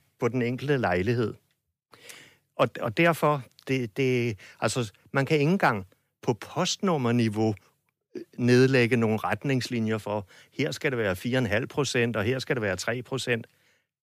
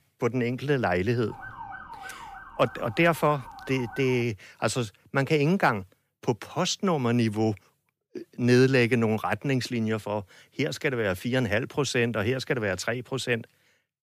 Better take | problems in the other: first | siren; faint; from 1.5 to 4 s; peak 15 dB below the speech

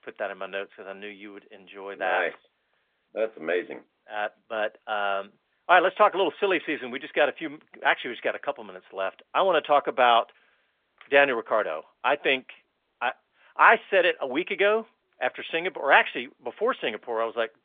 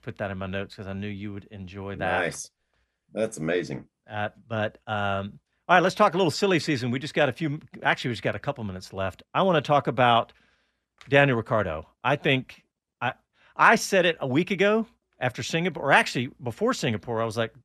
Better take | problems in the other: second | phone-call audio; nothing above 3.5 kHz

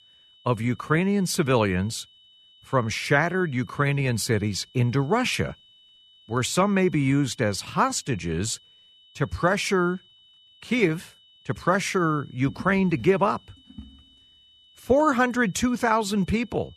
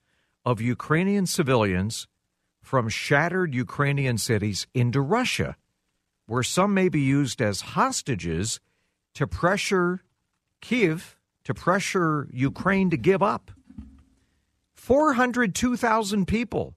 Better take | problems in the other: second | high-pitched whine; faint; throughout; 3 kHz, 30 dB below the speech

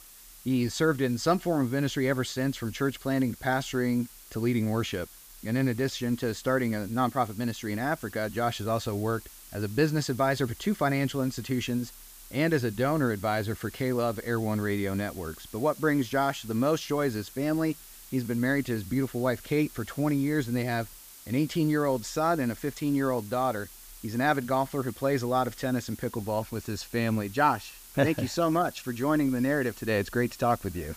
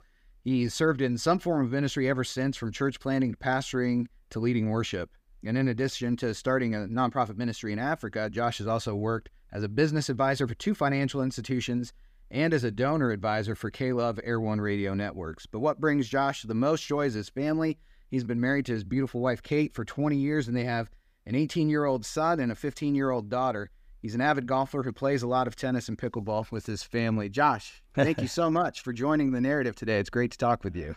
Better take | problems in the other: second | hiss; noticeable; throughout; 20 dB below the speech

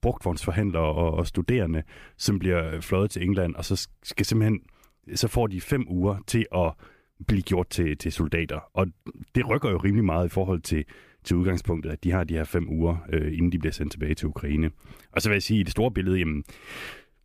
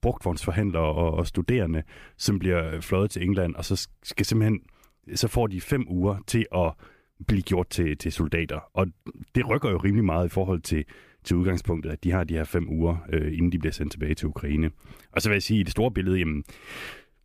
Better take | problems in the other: neither | none

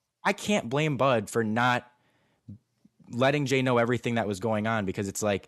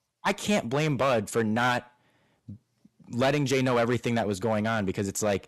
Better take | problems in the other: first | distortion; slight; 5% of the sound clipped

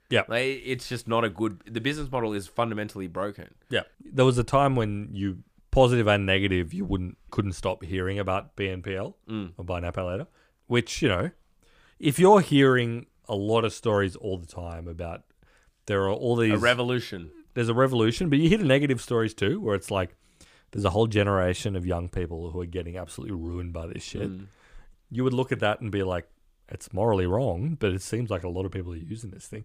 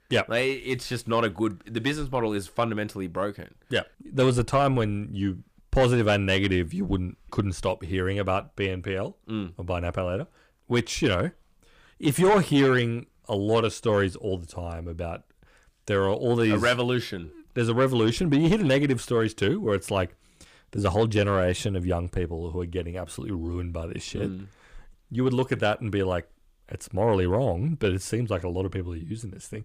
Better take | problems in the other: first | distortion; slight; 10 dB below the speech

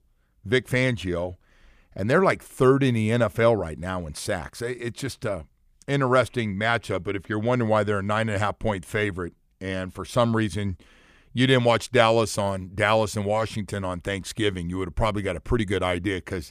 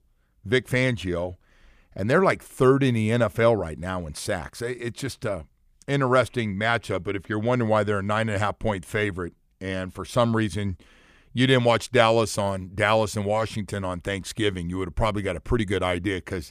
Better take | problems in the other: neither | none

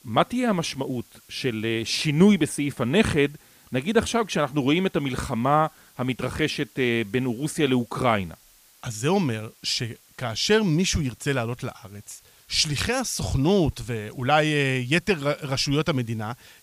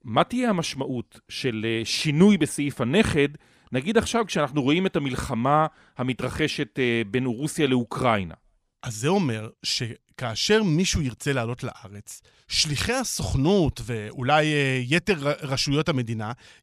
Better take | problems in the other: second | hiss; faint; throughout; 30 dB below the speech

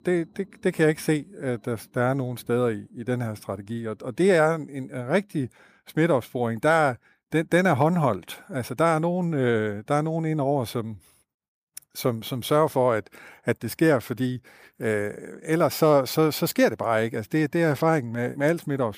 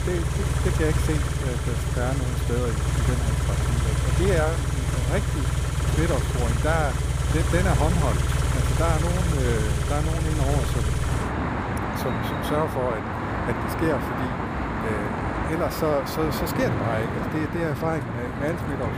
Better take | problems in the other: first | traffic noise; very loud; throughout; 4 dB above the speech

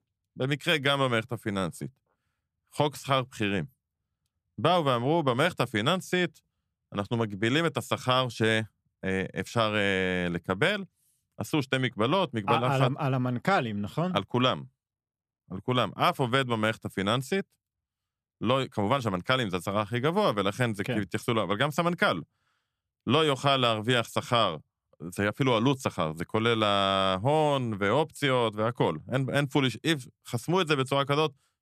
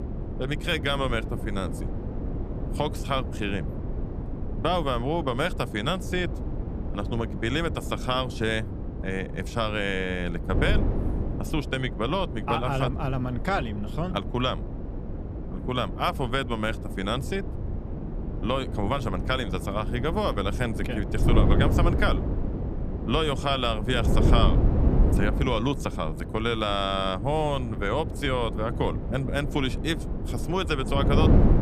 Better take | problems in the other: first | wind noise on the microphone; heavy; 9 dB below the speech

